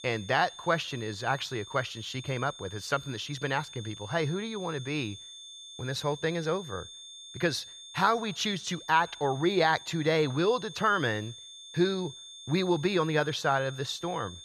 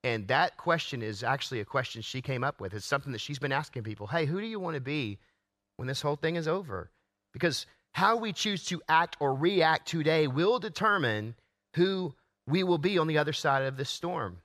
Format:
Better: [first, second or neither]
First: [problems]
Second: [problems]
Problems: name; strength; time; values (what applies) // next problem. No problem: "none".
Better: second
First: high-pitched whine; noticeable; throughout; 3.5 kHz, 15 dB below the speech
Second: none